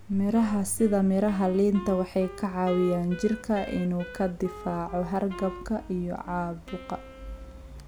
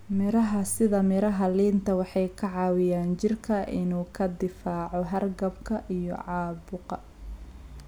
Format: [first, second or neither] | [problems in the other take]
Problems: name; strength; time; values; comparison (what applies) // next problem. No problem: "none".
second | background sound (Wind instrument, woodwind instrument); 17 dB below the speech